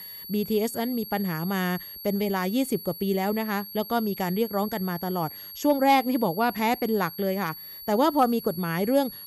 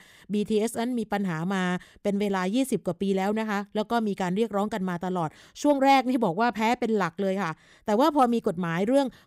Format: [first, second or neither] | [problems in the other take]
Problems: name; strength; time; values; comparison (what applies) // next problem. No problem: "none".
second | high-pitched whine; noticeable; throughout; 11.5 kHz, 10 dB below the speech